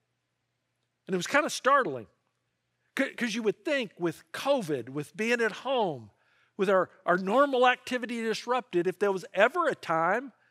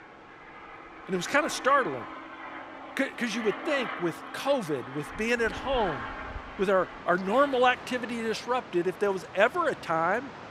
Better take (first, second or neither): first